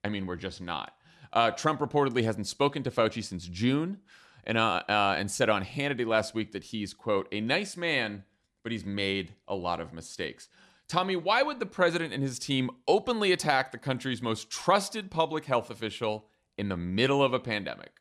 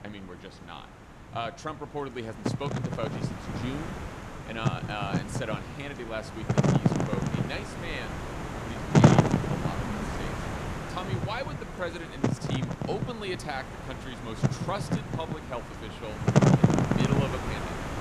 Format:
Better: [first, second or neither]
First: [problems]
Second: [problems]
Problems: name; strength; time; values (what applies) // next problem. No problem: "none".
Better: first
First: none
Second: wind noise on the microphone; heavy; 4 dB above the speech